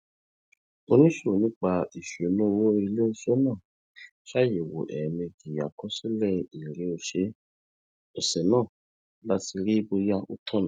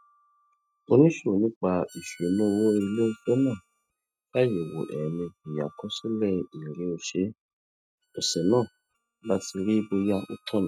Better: first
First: none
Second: noise reduction (neural mask model RNNoise)

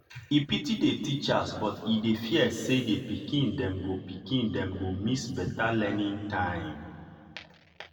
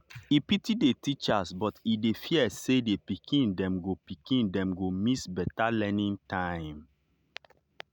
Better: second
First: room echo; dies away in 2 s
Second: none

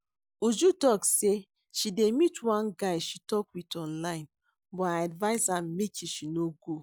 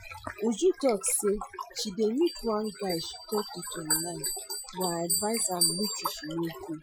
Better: first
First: none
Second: noise reduction (classical method Wiener filter)

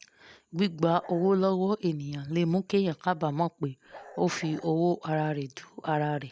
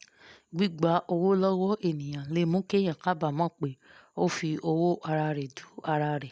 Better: second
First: background sound (Bark); 19 dB below the speech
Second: none

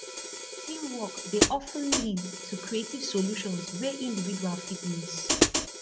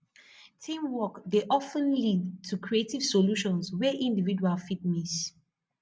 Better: second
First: background sound (Hi-hat); 1 dB above the speech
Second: none

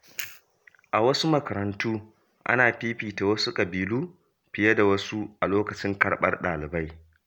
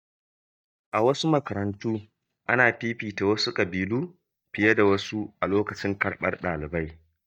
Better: first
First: none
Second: noise reduction (neural mask model DeepFilterNet 3)

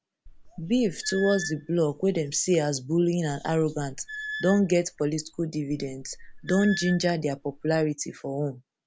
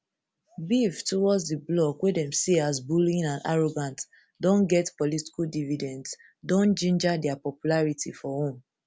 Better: second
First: background sound (Squeak / Screech); 13 dB below the speech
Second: none

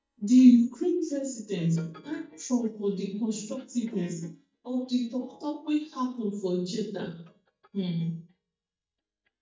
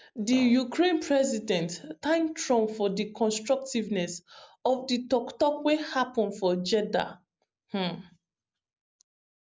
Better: second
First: noise reduction (neural mask model DeepFilterNet 3)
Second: none

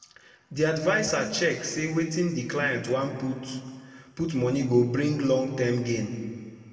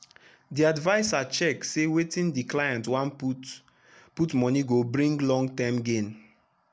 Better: second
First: room echo; dies away in 1.7 s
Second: none

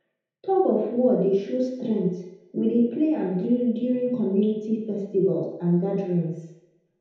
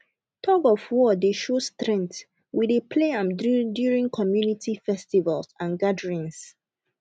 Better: second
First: room echo; dies away in 0.9 s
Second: none

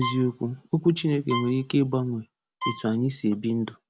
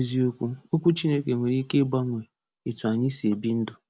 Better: second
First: background sound (Bowed string instrument); 12 dB below the speech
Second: none

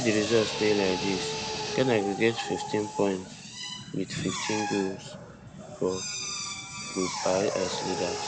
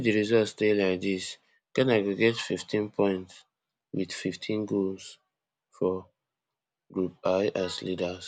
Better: second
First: background sound (Drill); 5 dB below the speech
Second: none

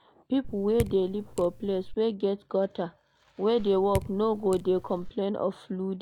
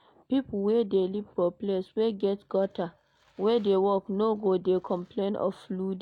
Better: second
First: background sound (Raindrop / Drip); 10 dB below the speech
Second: none

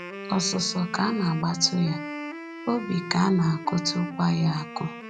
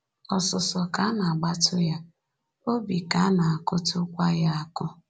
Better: second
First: background sound (Wind instrument, woodwind instrument); 11 dB below the speech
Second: none

